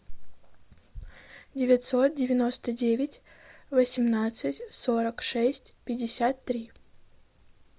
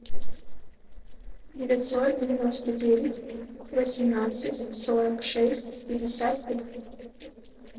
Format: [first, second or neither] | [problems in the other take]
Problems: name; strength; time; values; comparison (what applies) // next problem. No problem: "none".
first | noise reduction (neural separator model SepFormer DNS4)